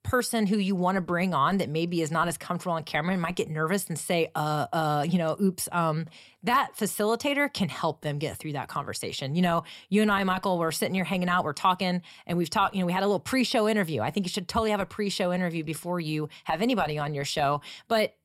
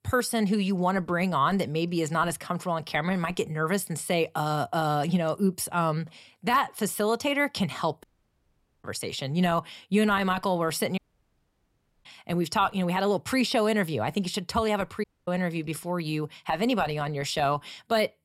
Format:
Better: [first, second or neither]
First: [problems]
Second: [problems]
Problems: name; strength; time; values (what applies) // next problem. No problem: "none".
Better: first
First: none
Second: audio cutting out; at 8 s for 1 s, at 11 s for 1 s and at 15 s